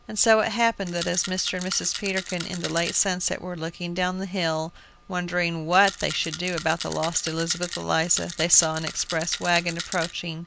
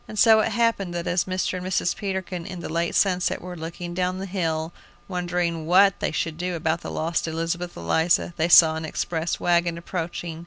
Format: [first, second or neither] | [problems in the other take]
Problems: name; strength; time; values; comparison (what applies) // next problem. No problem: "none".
second | background sound (Rattle); 10 dB below the speech